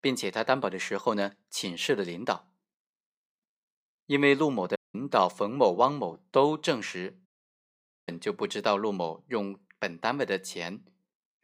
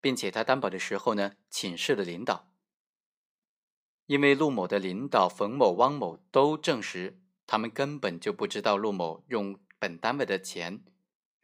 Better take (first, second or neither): second